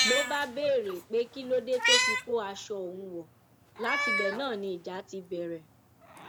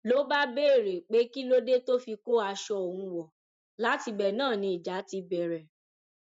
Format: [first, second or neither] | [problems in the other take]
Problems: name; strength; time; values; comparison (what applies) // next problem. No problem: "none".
second | background sound (Meow); as loud as the speech